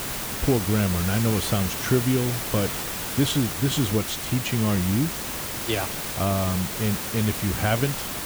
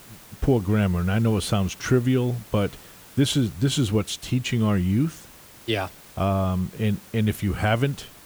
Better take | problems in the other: second | hiss; loud; throughout; 3 dB below the speech; faint in the second

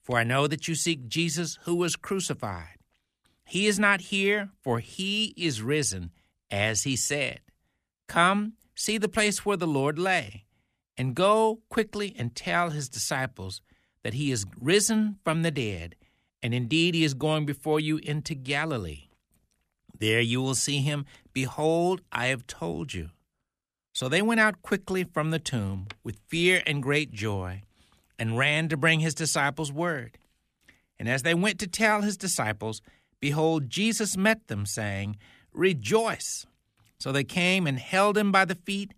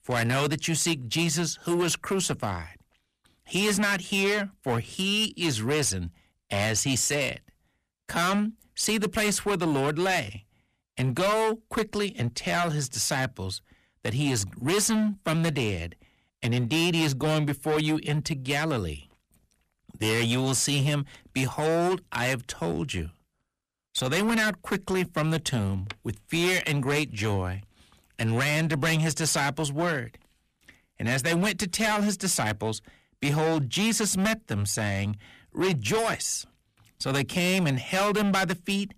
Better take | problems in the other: first | distortion; heavy; 15% of the sound clipped

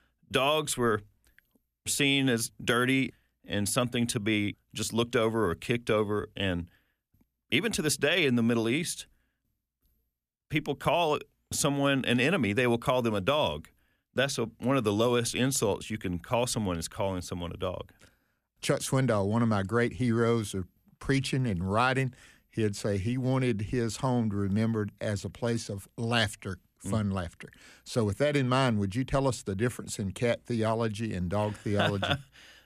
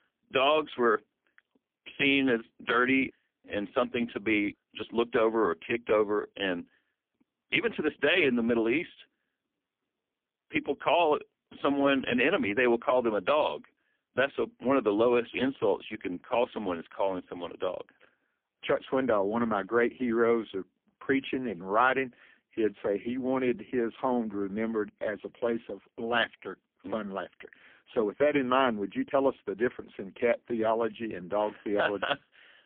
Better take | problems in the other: first | phone-call audio; poor line; nothing above 3.5 kHz

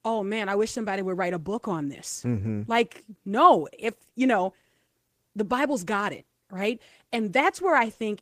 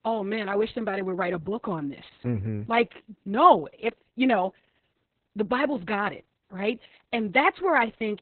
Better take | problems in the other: first | garbled, watery; badly; nothing above 4 kHz; slightly in the first

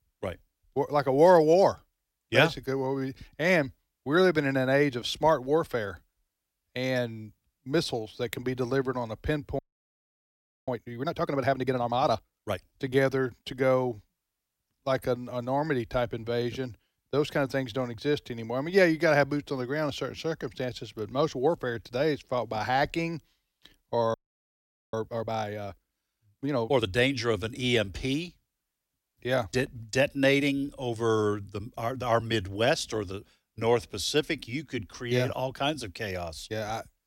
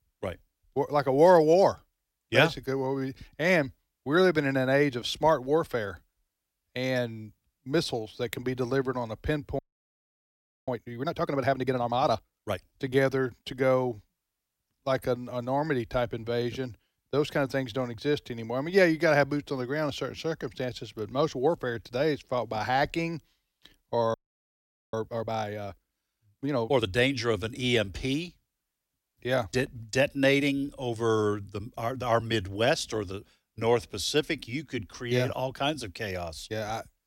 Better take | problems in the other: neither | audio freezing; at 9.5 s for 1 s and at 24 s for 1 s; the same in both

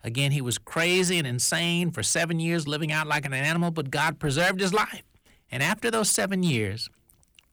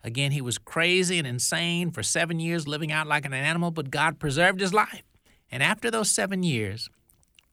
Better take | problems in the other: second | distortion; slight; 5% of the sound clipped

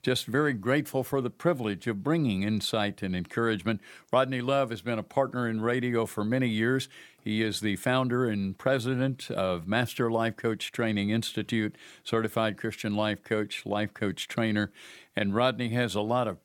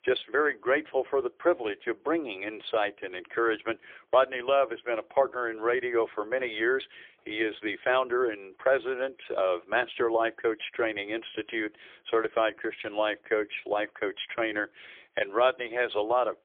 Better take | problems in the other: first | phone-call audio; poor line; nothing above 3.5 kHz

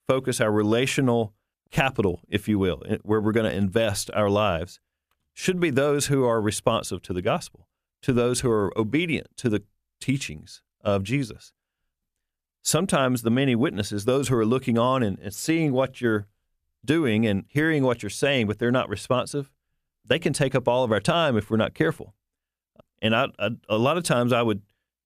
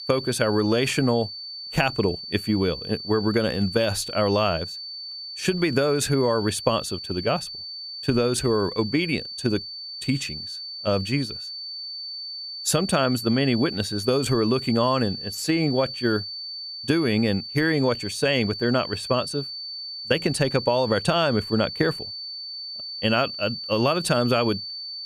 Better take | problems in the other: first | high-pitched whine; loud; throughout; 4.5 kHz, 8 dB below the speech

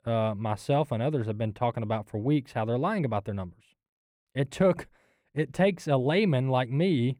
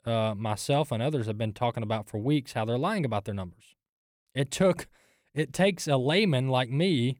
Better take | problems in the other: second | muffled; slightly; fading above 3 kHz

